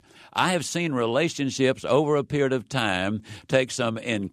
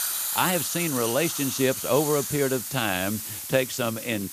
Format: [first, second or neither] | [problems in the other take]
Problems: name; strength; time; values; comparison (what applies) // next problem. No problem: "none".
first | hiss; loud; throughout; 3 dB below the speech